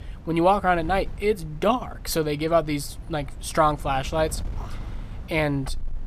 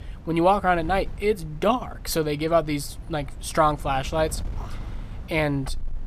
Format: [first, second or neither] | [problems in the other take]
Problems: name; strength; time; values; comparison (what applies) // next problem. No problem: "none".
neither | wind noise on the microphone; occasional gusts; 25 dB below the speech; the same in both